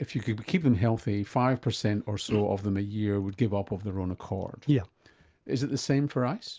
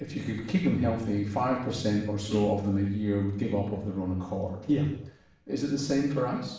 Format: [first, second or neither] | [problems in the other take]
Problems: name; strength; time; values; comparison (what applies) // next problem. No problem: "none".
first | room echo; dies away in 0.6 s